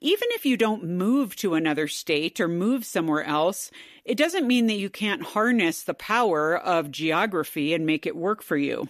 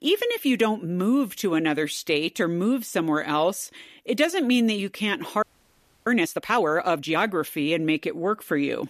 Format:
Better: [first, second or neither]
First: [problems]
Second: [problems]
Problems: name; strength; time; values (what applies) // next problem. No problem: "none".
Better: first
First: none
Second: audio freezing; at 5.5 s for 0.5 s